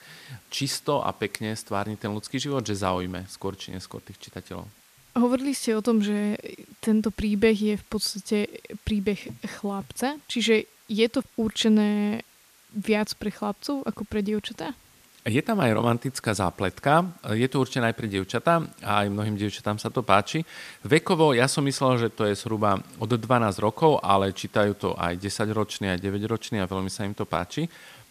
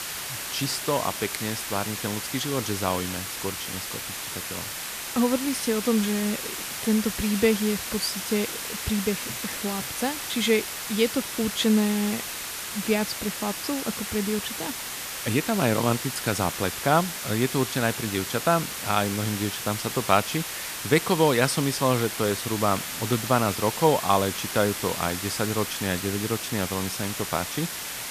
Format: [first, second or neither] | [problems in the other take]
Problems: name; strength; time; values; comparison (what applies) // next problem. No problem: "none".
first | hiss; loud; throughout; 4 dB below the speech; faint in the first